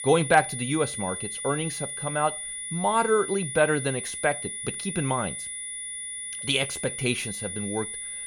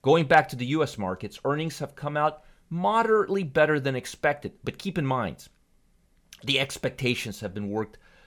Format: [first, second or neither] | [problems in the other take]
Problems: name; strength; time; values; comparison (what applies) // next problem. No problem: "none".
second | high-pitched whine; loud; throughout; 9.5 kHz, 5 dB below the speech